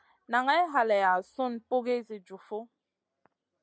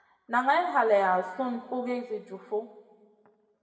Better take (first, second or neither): first